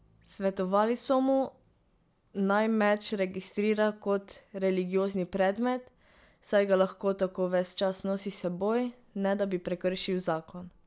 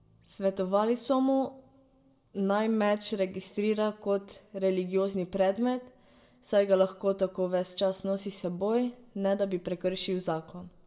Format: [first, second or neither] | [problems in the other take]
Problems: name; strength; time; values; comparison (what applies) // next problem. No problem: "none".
first | room echo; dies away in 0.5 s